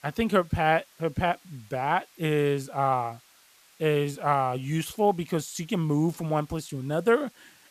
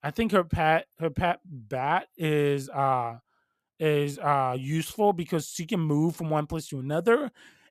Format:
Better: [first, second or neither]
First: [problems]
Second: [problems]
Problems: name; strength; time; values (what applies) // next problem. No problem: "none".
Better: second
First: hiss; faint; throughout; 30 dB below the speech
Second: none